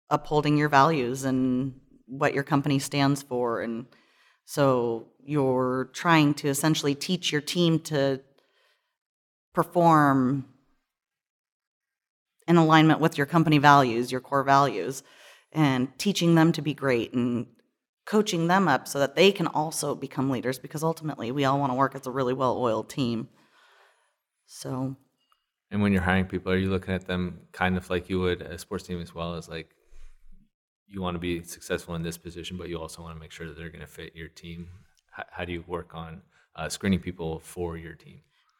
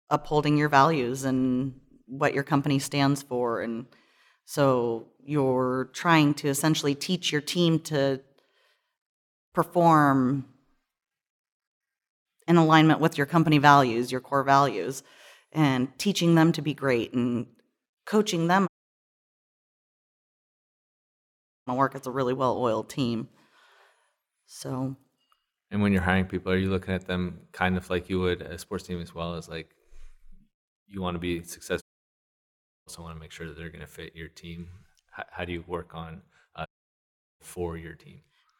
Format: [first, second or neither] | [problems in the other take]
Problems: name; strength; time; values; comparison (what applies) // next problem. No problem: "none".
first | audio cutting out; at 19 s for 3 s, at 32 s for 1 s and at 37 s for 0.5 s